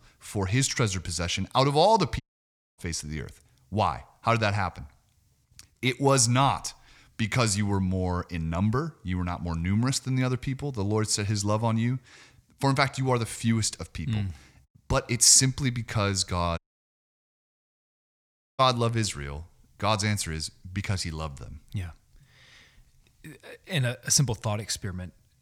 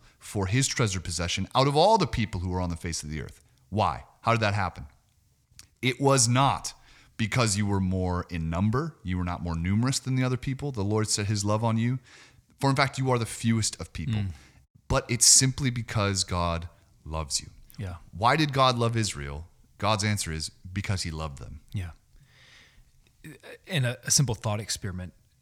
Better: second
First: audio cutting out; at 2 s for 0.5 s and at 17 s for 2 s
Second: none

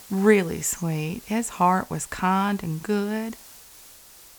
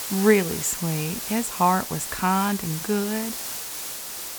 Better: first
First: hiss; faint; throughout; 20 dB below the speech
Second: hiss; loud; throughout; 6 dB below the speech

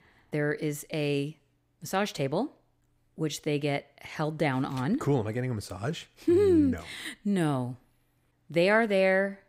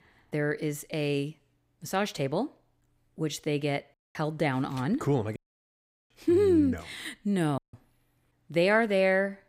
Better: first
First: none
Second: audio cutting out; at 4 s, at 5.5 s for 0.5 s and at 7.5 s

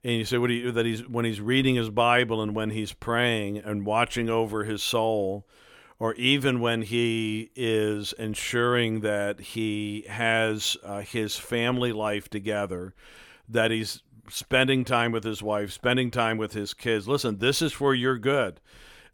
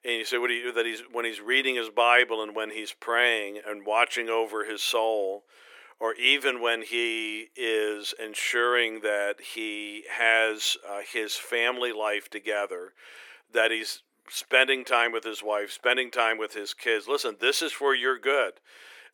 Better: first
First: none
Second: thin; very; fading below 350 Hz

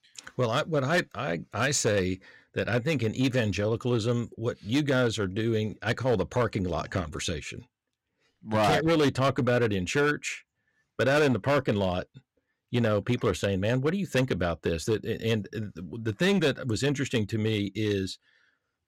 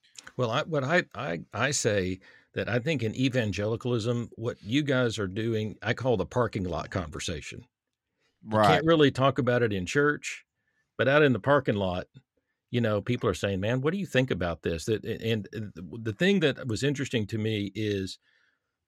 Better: second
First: distortion; slight; 6% of the sound clipped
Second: none

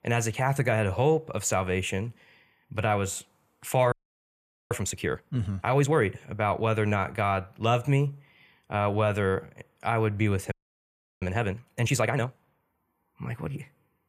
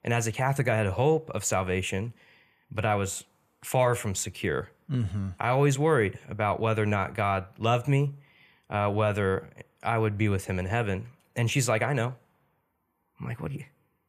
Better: second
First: audio freezing; at 4 s for 1 s and at 11 s for 0.5 s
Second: none

